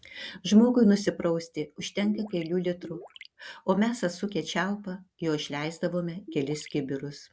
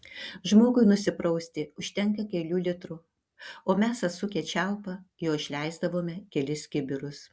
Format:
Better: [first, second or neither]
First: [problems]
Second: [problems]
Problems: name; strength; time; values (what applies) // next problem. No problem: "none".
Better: second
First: background sound (Gurgling); 16 dB below the speech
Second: none